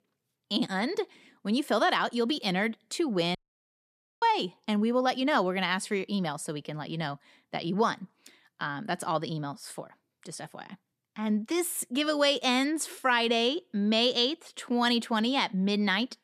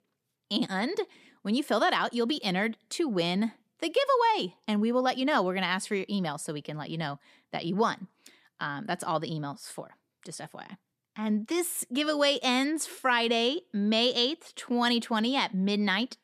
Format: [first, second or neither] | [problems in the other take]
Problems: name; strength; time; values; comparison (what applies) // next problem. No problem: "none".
second | audio cutting out; at 3.5 s for 1 s